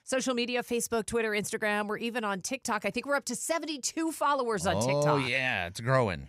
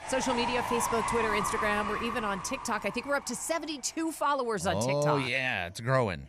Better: first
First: none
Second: animal sounds; loud; throughout; 4 dB below the speech

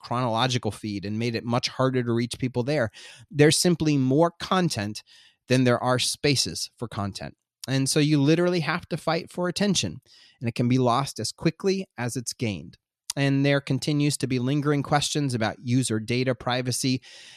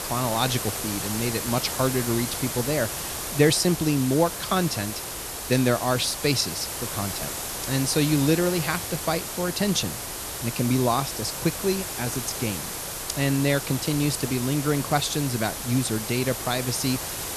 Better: first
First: none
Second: hiss; loud; throughout; 5 dB below the speech

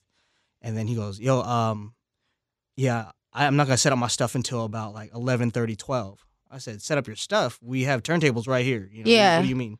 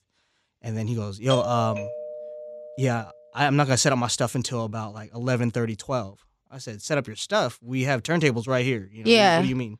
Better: first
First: none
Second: doorbell; noticeable; from 1.5 to 3 s; peak 4 dB below the speech

